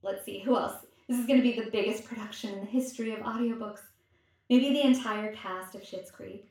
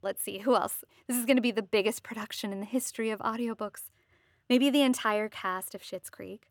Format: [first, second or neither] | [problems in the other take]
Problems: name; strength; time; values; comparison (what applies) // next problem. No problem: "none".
second | room echo; noticeable; dies away in 0.4 s // off-mic speech; far